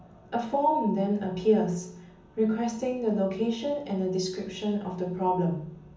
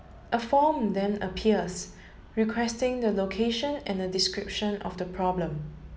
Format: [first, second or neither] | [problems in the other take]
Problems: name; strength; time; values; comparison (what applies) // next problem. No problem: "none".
second | room echo; dies away in 0.7 s